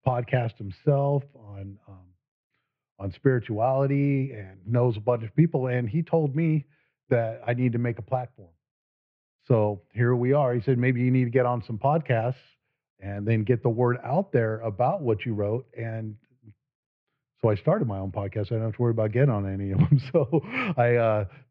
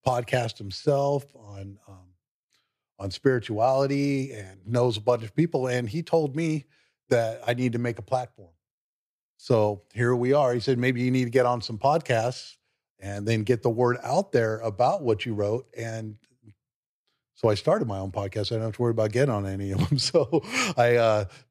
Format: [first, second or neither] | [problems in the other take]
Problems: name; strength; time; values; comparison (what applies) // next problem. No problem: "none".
second | muffled; very; fading above 2.5 kHz